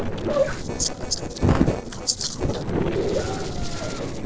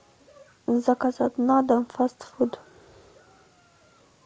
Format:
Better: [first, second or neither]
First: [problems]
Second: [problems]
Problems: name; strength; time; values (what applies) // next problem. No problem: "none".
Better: second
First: noise reduction (neural separator model SepFormer DNS4)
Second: none